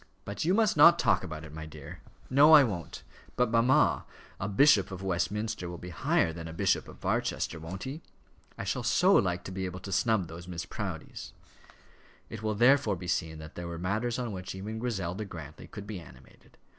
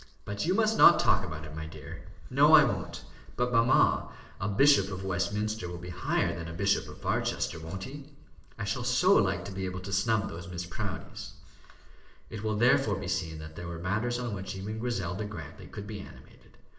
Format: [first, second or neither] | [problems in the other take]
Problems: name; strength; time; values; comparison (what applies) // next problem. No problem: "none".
first | room echo; dies away in 0.6 s